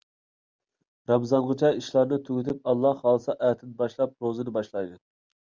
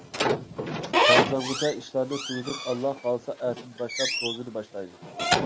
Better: first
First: none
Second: background sound (Squeak / Slam); 4 dB above the speech

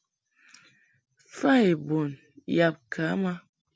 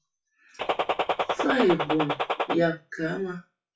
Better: first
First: none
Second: noise reduction (classical method WPE with log-MMSE)

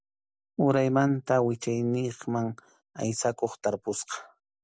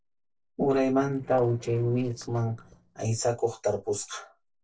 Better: first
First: none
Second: noise reduction (neural separator model SepFormer DNS4)

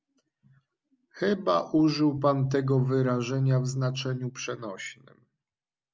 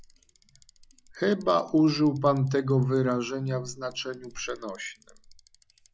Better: first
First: none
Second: noise reduction (classical method log-MMSE)

